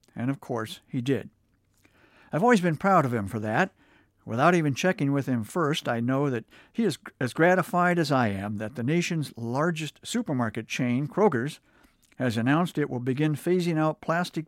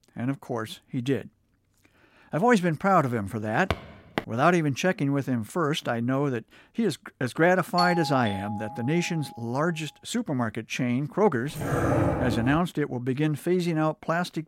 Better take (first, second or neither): first